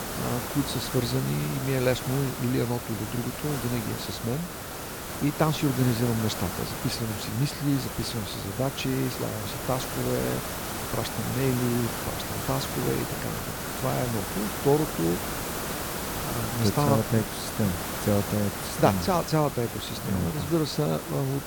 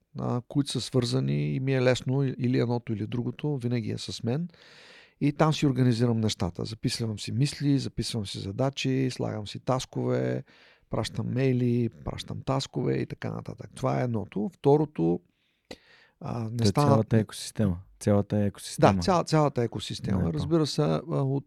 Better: second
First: hiss; loud; throughout; 4 dB below the speech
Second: none

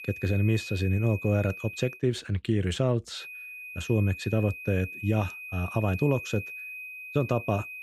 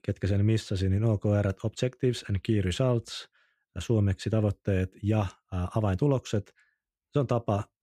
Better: second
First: high-pitched whine; noticeable; until 2 s and from 3 s on; 2.5 kHz, 10 dB below the speech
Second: none

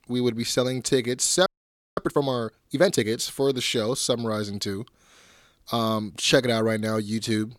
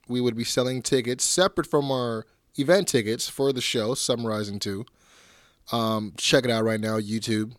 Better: second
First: audio freezing; at 1.5 s for 0.5 s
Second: none

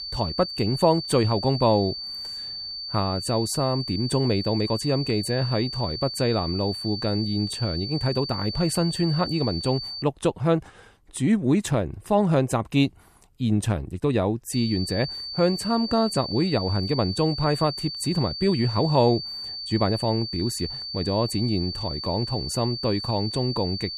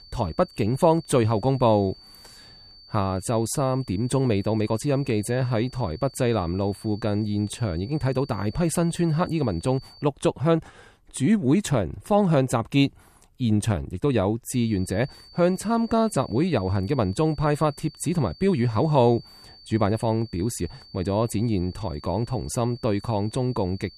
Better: second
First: high-pitched whine; loud; until 10 s and from 15 s on; 4.5 kHz, 6 dB below the speech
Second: high-pitched whine; faint; until 10 s and from 15 s on; 4.5 kHz, 20 dB below the speech

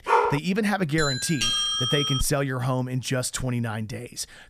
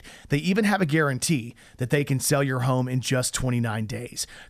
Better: second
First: dog barking; loud; at the start; peak 5 dB above the speech // doorbell; loud; from 1 to 2.5 s; peak 5 dB above the speech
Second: none

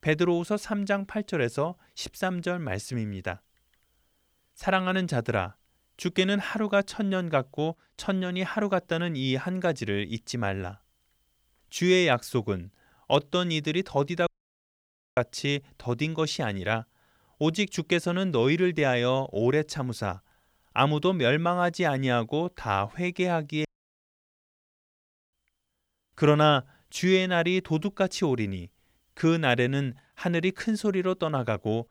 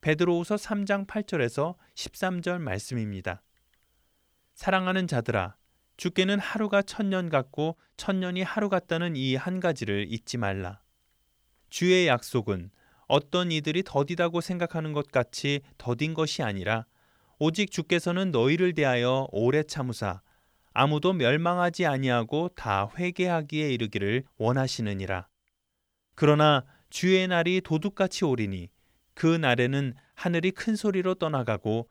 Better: second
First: audio cutting out; at 14 s for 1 s and at 24 s for 1.5 s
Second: none

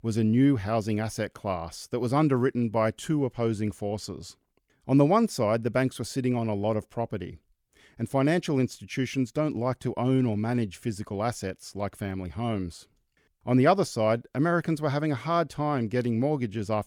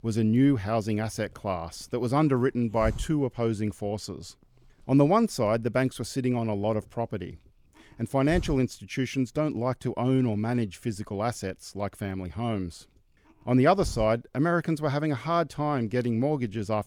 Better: first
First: none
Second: hiss; noticeable; throughout; 15 dB below the speech

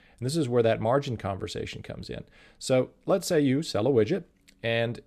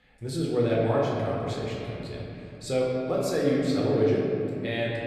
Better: first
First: none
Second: off-mic speech; far // room echo; noticeable; dies away in 2.7 s

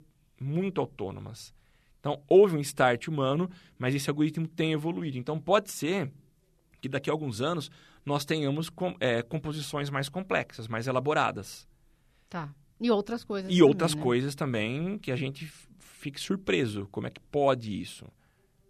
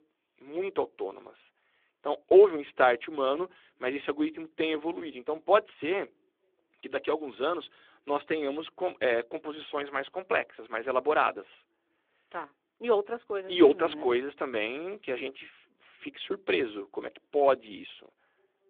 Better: first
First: none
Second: phone-call audio; nothing above 3.5 kHz

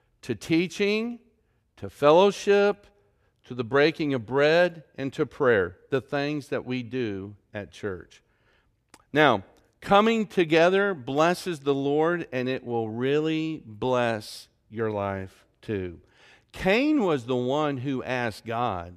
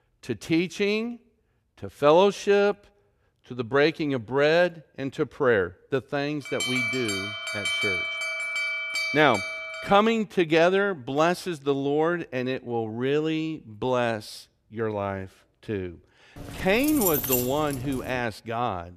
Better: first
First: none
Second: alarm; loud; from 6.5 to 10 s; peak 1 dB above the speech // jangling keys; loud; from 16 to 18 s; peak 1 dB above the speech

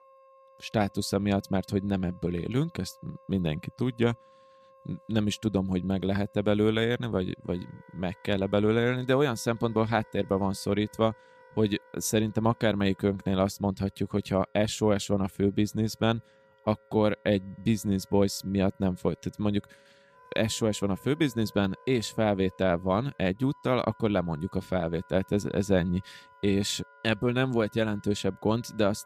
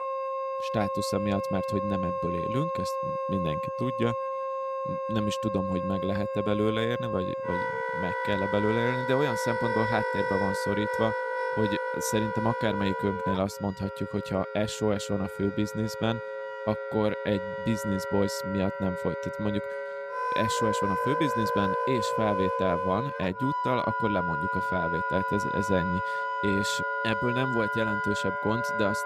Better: first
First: background music; faint; throughout; 30 dB below the speech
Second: background music; loud; throughout; 1 dB below the speech

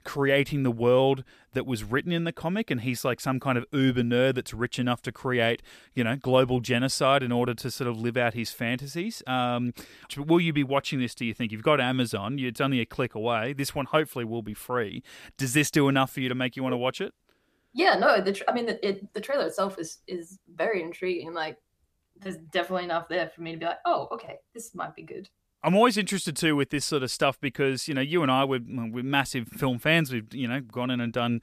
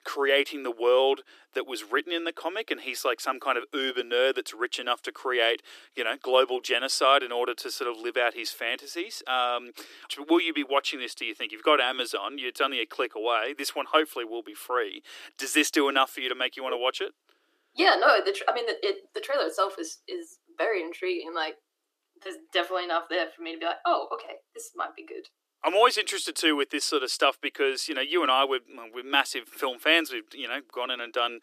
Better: first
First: none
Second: thin; very; fading below 300 Hz

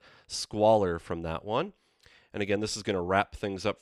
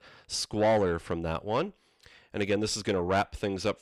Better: first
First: none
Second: distortion; slight; 10 dB below the speech

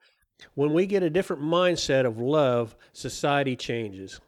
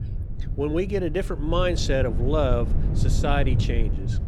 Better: first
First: none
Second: low rumble; noticeable; throughout; 15 dB below the speech

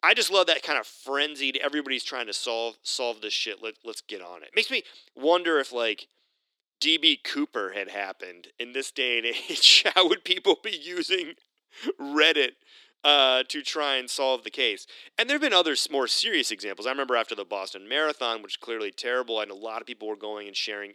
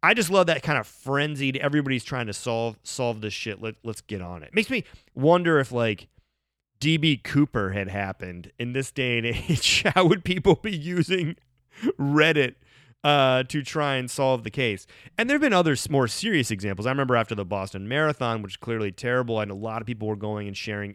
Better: second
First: thin; somewhat; fading below 300 Hz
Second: none

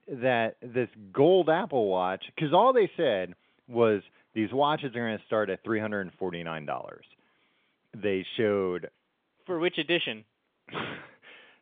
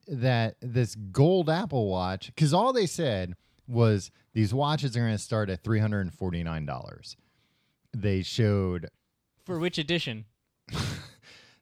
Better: second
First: phone-call audio; nothing above 3.5 kHz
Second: none

